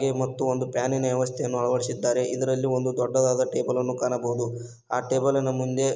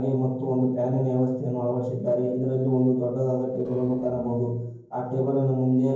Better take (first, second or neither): first